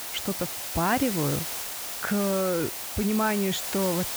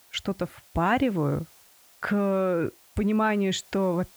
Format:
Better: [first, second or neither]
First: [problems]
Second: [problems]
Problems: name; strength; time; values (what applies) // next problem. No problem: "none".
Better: second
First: hiss; loud; throughout; 3 dB below the speech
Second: hiss; faint; throughout; 25 dB below the speech